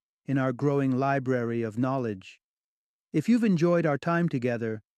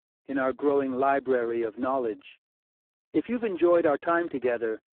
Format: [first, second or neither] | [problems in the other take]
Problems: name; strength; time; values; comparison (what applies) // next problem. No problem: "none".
first | phone-call audio; poor line